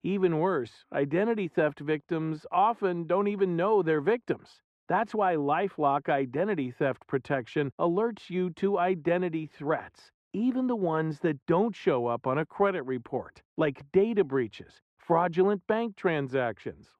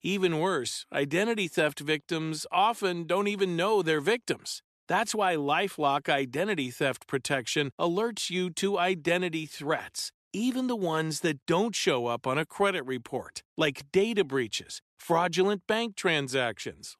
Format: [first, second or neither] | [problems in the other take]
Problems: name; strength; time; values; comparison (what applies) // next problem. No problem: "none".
second | muffled; very; fading above 3.5 kHz